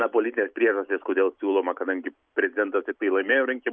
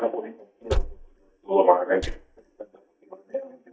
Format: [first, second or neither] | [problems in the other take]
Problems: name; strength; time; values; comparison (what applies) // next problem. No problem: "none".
first | noise reduction (neural mask model DeepFilterNet 3)